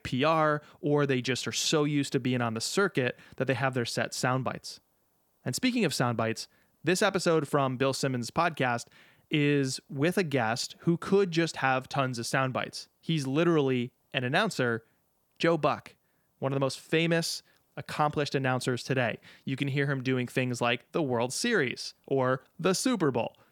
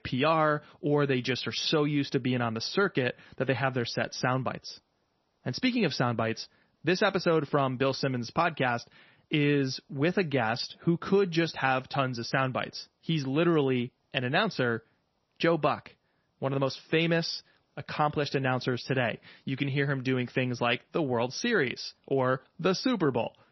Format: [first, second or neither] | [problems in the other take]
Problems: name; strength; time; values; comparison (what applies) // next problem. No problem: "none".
first | garbled, watery; slightly; nothing above 6 kHz